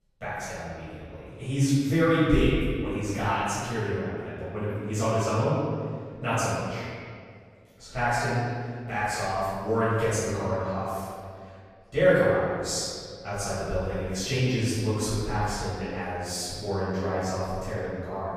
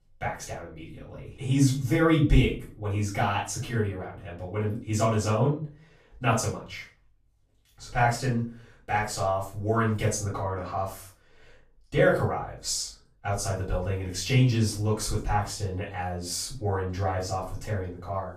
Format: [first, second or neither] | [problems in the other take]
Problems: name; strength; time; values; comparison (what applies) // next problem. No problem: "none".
second | room echo; strong; dies away in 1.9 s; slight in the second // off-mic speech; far; far in the second